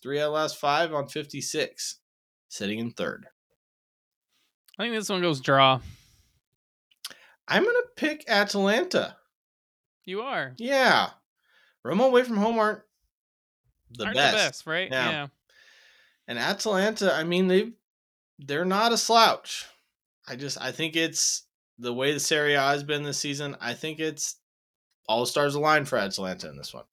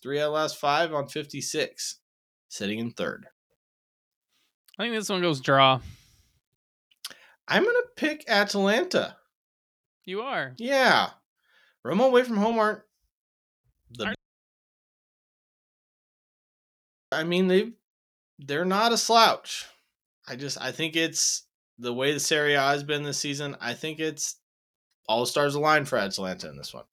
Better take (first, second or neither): first